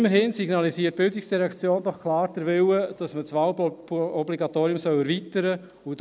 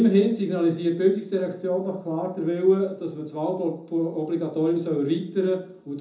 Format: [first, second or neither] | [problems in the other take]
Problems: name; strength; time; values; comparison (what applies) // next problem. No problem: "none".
first | room echo; dies away in 0.5 s